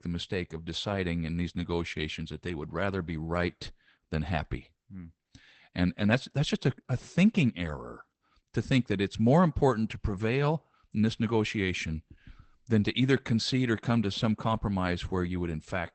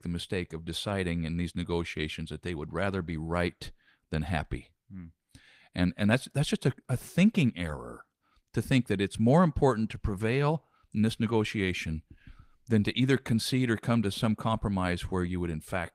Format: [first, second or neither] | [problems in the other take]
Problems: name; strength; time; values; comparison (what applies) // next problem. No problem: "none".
second | garbled, watery; badly; nothing above 8 kHz; slightly in the second